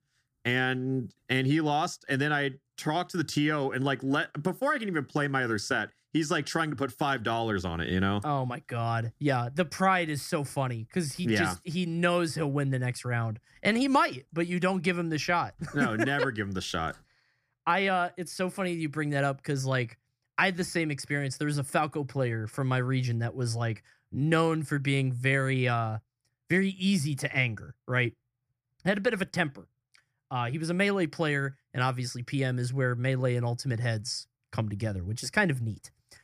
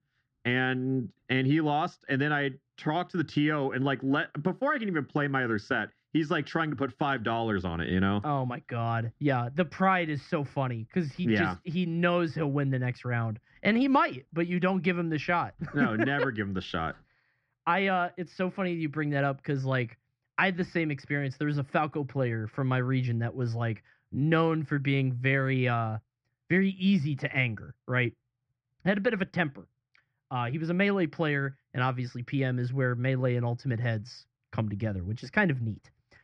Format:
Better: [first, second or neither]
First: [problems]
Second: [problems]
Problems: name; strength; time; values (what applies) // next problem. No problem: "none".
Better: first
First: none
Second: muffled; slightly; fading above 3.5 kHz